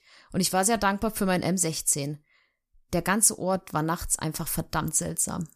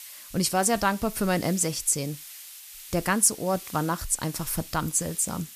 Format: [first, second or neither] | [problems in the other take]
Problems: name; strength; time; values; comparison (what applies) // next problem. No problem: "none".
first | hiss; noticeable; throughout; 15 dB below the speech